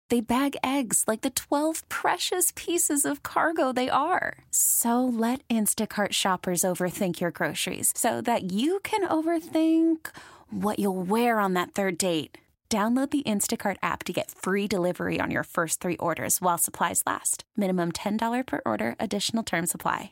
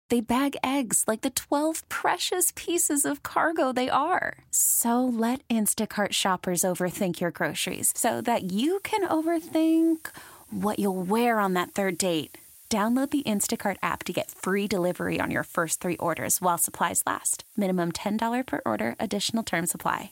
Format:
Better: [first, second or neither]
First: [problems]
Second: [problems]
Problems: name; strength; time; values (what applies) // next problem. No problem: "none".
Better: first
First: none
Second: hiss; faint; from 7.5 s on; 25 dB below the speech